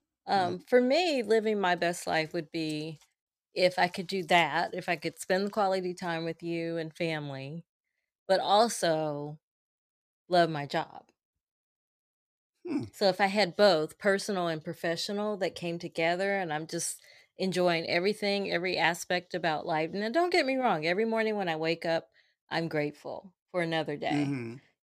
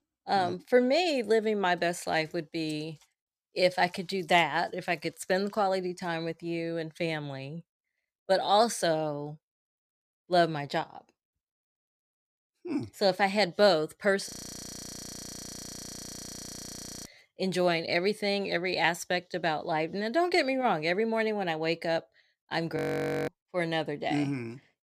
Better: first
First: none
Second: audio freezing; at 14 s for 3 s and at 23 s for 0.5 s

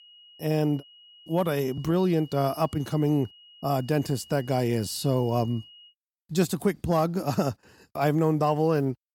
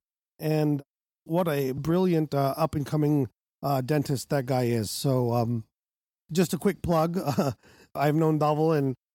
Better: second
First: high-pitched whine; faint; until 6 s; 3 kHz, 25 dB below the speech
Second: none

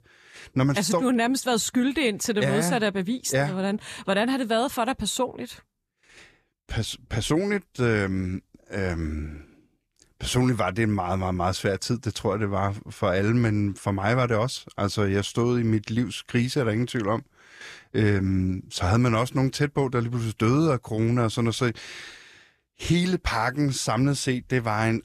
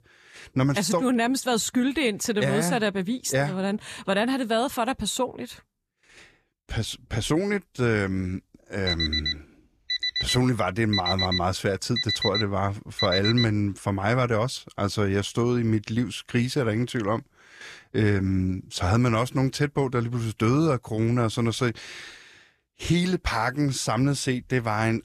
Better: first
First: none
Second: alarm; loud; from 9 to 13 s; peak level with the speech

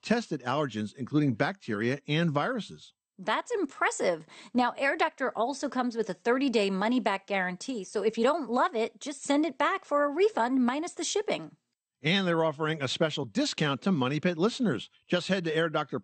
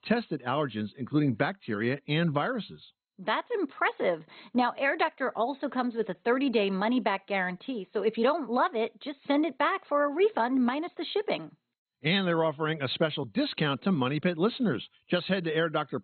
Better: first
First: garbled, watery; slightly; nothing above 8.5 kHz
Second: garbled, watery; badly; nothing above 4 kHz

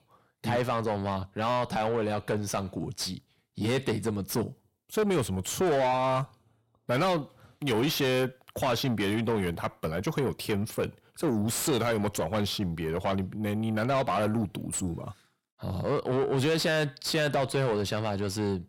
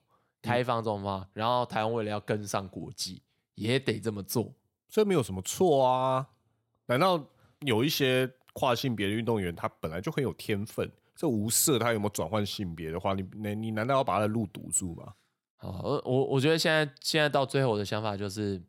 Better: second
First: distortion; heavy; 7 dB below the speech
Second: none

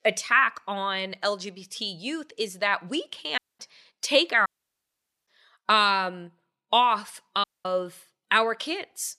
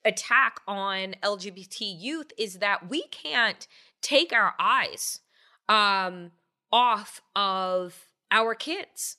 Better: second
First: audio cutting out; at 3.5 s, at 4.5 s for 1 s and at 7.5 s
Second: none

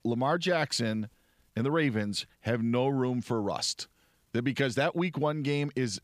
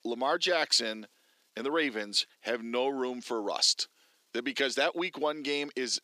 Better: first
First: none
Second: thin; somewhat; fading below 300 Hz

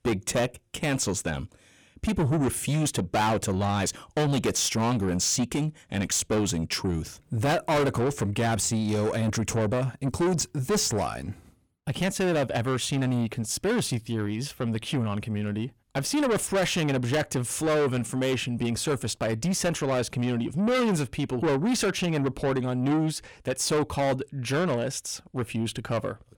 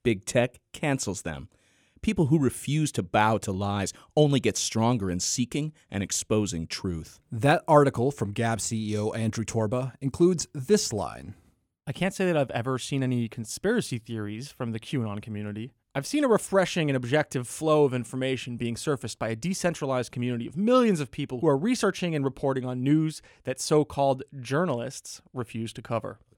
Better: second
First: distortion; heavy; 6 dB below the speech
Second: none

